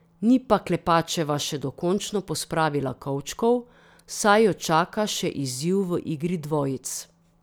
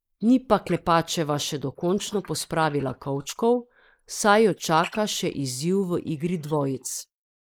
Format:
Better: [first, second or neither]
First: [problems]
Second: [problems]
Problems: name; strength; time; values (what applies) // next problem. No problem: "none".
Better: first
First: none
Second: noise reduction (neural mask model Resemble Enhance denoiser)